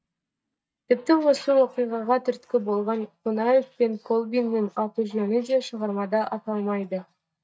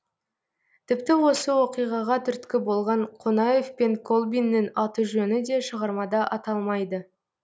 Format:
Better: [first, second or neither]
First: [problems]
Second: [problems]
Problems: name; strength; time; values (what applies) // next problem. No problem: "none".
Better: second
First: noise reduction (neural mask model DeepFilterNet 3)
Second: none